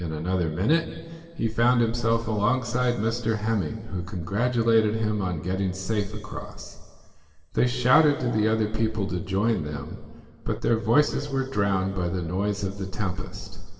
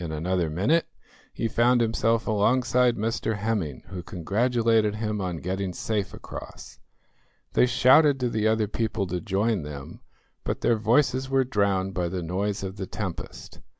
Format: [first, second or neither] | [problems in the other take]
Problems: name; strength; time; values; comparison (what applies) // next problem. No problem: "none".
second | room echo; dies away in 1.9 s